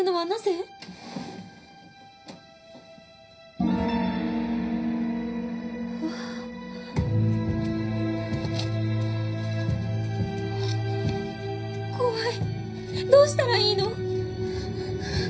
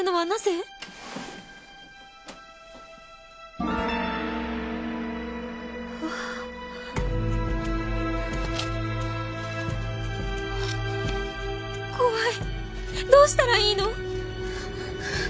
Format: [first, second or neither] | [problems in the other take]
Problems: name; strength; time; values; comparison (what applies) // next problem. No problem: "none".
second | room echo; dies away in 0.5 s